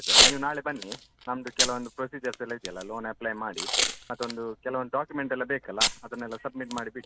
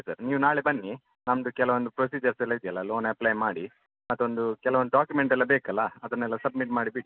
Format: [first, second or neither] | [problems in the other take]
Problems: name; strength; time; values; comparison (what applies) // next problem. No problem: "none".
second | background sound (Packing tape, duct tape / Tearing); 4 dB above the speech